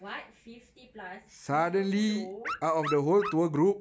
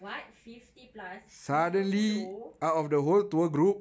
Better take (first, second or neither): second